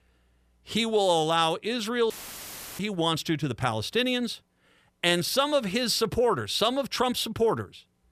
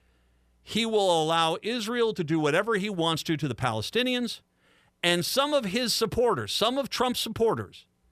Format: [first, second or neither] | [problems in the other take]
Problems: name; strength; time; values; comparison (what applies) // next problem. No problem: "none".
second | audio cutting out; filled with static; at 2 s for 0.5 s